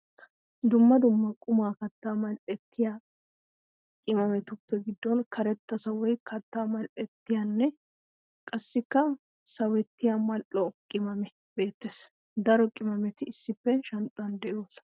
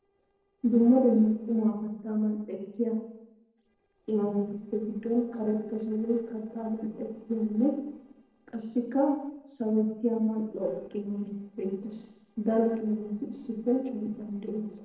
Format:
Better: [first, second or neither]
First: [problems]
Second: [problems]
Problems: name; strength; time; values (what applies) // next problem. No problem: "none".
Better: first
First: none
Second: noise reduction (neural separator model SepFormer DNS4)